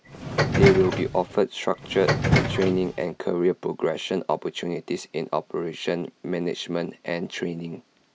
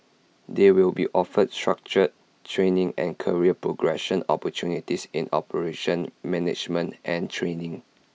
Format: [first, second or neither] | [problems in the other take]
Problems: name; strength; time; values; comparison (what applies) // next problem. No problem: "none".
second | background sound (Subway, metro, underground); 1 dB above the speech